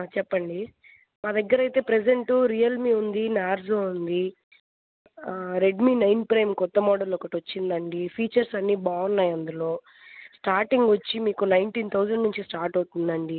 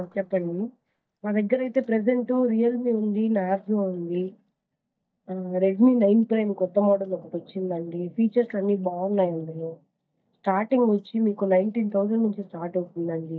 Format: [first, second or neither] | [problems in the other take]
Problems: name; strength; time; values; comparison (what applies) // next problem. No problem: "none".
first | noise reduction (neural mask model DeepFilterNet 3)